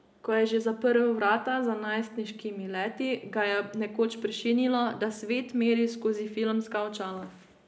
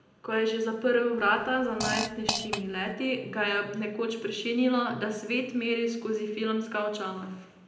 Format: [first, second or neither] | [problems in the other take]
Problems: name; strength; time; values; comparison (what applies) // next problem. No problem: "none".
first | background sound (Fart); 6 dB below the speech // room echo; dies away in 0.7 s